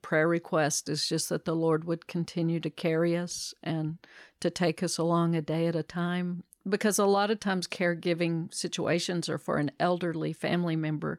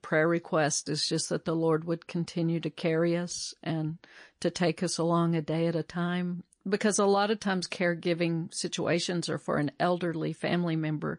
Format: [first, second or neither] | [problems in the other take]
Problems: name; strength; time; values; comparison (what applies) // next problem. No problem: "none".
first | garbled, watery; slightly